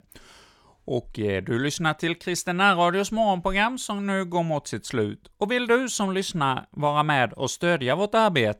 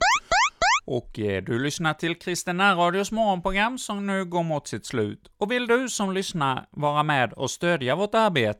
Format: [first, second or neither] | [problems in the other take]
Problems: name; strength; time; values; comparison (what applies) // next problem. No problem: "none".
first | alarm; loud; at the start; peak 5 dB above the speech